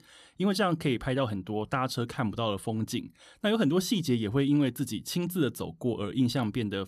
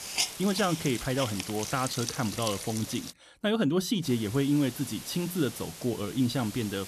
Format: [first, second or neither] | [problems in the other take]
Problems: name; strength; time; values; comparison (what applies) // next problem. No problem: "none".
first | hiss; loud; until 3 s and from 4 s on; 7 dB below the speech